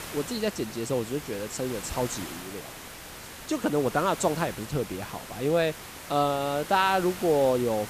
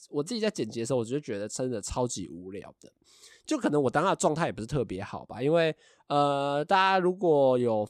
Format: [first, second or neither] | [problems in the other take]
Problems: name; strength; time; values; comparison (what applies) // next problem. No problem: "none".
second | hiss; noticeable; throughout; 10 dB below the speech